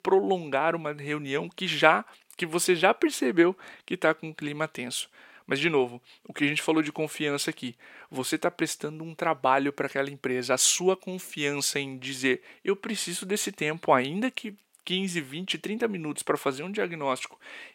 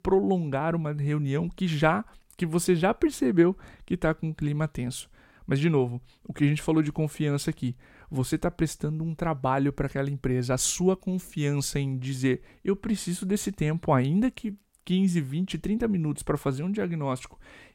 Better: second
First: thin; somewhat; fading below 400 Hz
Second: none

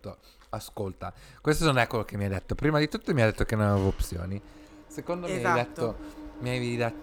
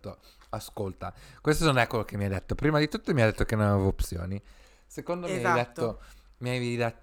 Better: second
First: machinery noise; noticeable; throughout; 20 dB below the speech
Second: none

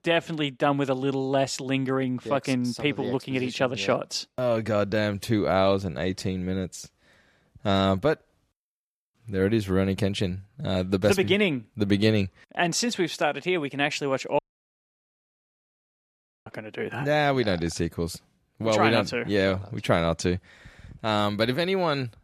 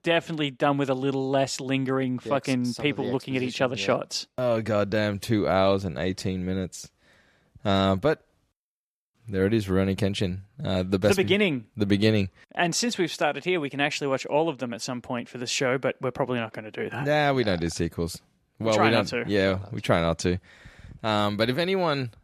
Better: second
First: audio cutting out; at 14 s for 2 s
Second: none

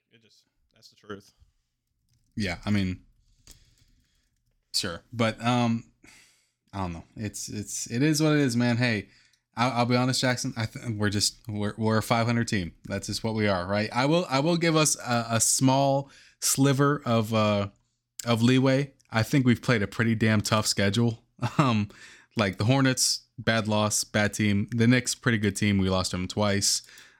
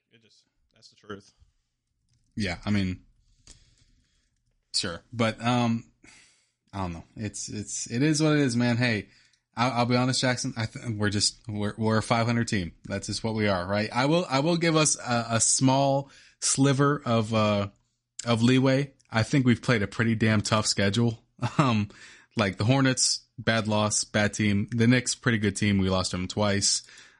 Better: first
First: none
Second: garbled, watery; slightly; nothing above 9.5 kHz

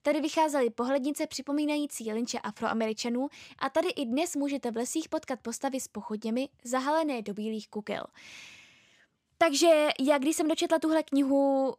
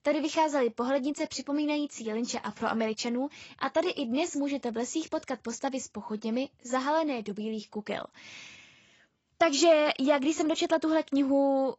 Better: first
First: none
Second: garbled, watery; badly; nothing above 7.5 kHz

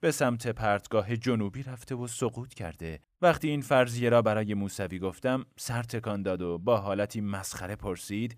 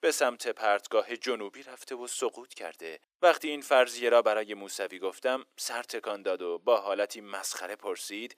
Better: first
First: none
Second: thin; very; fading below 350 Hz

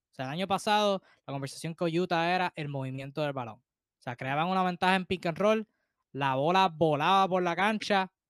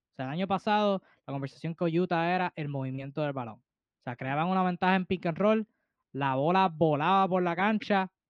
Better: first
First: none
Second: muffled; slightly; fading above 3 kHz

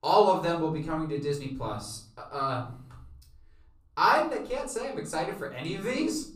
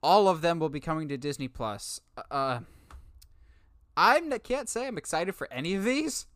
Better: second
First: off-mic speech; somewhat distant // room echo; slight; dies away in 0.5 s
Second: none

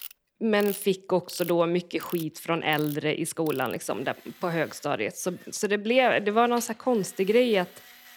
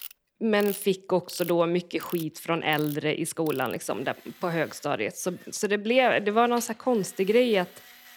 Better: neither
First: machinery noise; noticeable; throughout; 20 dB below the speech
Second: machinery noise; noticeable; throughout; 20 dB below the speech

